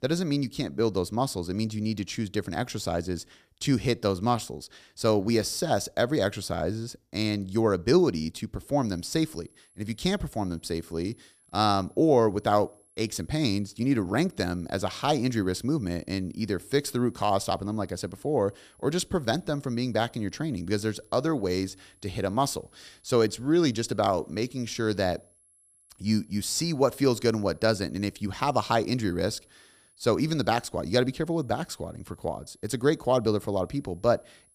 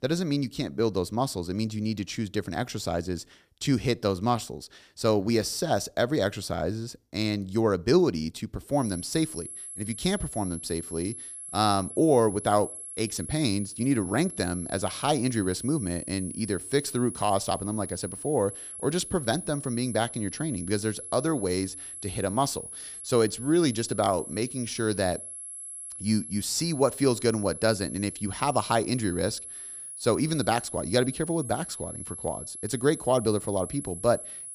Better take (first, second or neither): first